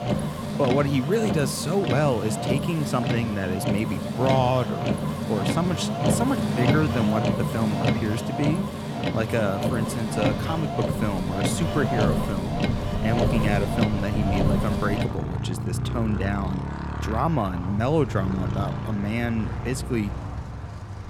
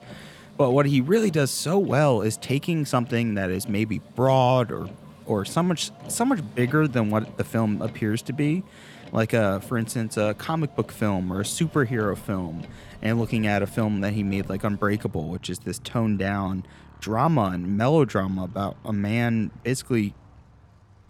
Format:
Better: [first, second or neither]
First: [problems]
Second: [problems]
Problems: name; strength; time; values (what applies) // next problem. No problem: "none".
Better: second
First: traffic noise; loud; throughout; as loud as the speech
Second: traffic noise; faint; throughout; 20 dB below the speech